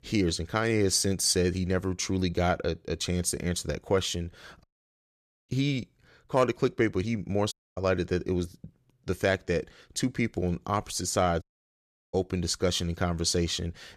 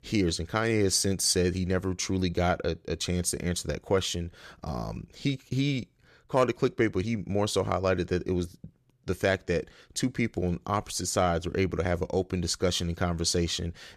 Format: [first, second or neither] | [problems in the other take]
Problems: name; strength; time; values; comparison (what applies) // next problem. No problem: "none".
second | audio cutting out; at 4.5 s for 1 s, at 7.5 s and at 11 s for 0.5 s